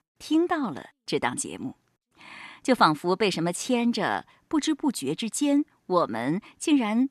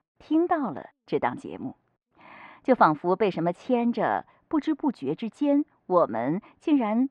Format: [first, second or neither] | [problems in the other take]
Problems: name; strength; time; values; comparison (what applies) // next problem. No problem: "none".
first | muffled; very; fading above 2 kHz